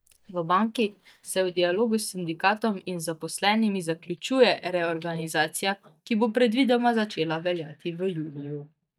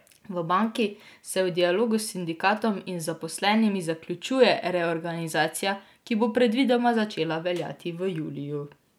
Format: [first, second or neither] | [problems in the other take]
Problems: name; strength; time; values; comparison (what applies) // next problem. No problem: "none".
second | noise reduction (neural mask model DeepFilterNet 3)